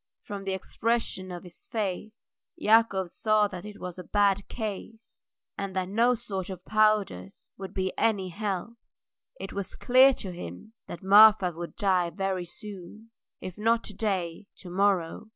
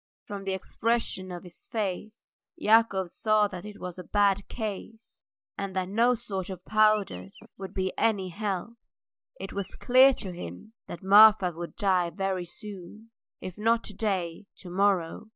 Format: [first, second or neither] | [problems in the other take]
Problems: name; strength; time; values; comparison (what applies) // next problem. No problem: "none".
first | noise reduction (neural mask model DeepFilterNet 3)